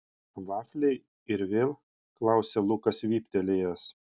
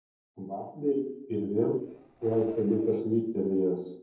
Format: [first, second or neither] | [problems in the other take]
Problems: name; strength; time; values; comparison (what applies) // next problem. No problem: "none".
first | noise reduction (neural separator model SepFormer DNS4)